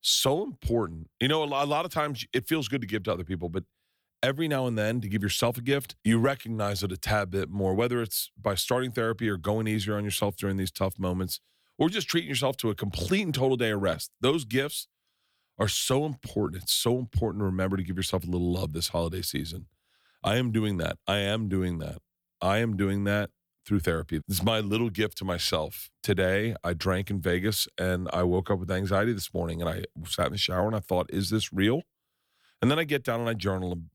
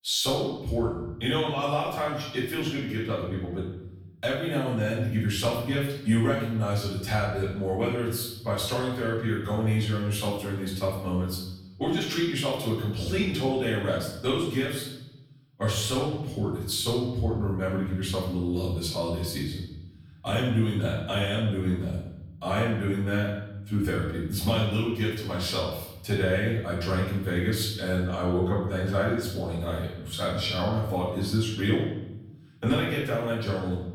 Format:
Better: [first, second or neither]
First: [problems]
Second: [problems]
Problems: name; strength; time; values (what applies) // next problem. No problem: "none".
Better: first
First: none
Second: room echo; noticeable; dies away in 0.9 s // off-mic speech; far